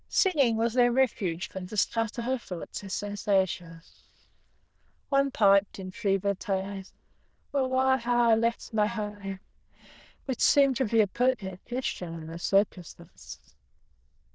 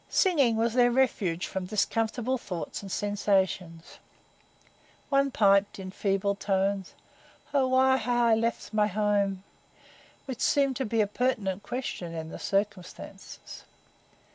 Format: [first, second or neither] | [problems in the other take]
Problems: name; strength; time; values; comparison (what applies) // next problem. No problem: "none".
second | noise reduction (neural diffusion model UNIVERSE++)